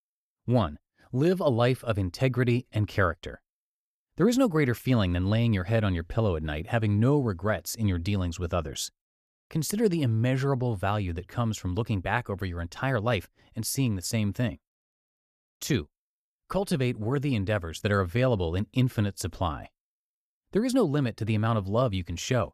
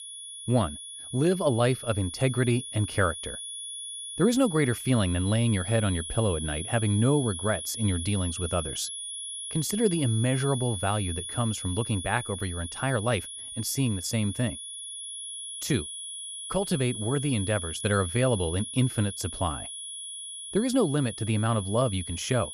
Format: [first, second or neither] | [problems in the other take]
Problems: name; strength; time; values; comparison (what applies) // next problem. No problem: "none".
first | high-pitched whine; loud; throughout; 10.5 kHz, 7 dB below the speech